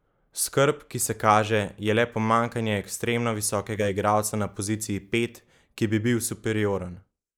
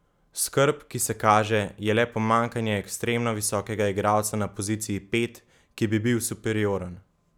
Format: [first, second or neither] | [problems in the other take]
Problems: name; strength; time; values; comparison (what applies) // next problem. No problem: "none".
second | noise reduction (neural mask model Resemble Enhance denoiser)